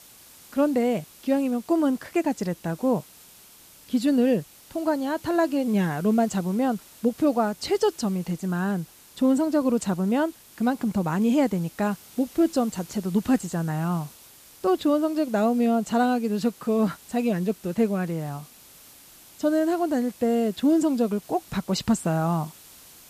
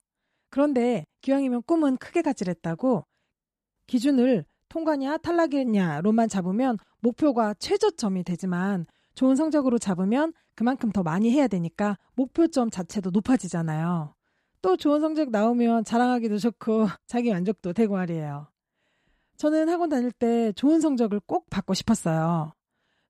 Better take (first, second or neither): second